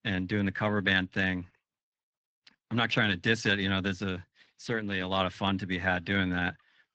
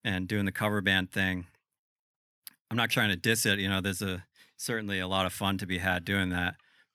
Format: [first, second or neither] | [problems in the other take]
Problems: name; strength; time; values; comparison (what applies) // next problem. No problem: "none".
second | garbled, watery; slightly